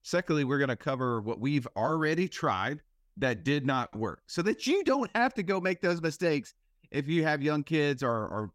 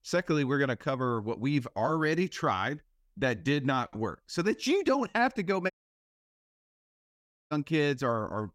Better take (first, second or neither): first